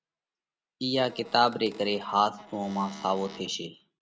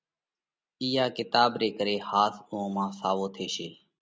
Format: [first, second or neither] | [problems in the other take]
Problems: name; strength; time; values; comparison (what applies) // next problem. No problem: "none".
second | background sound (Squeak / Cupboard open or close); 20 dB below the speech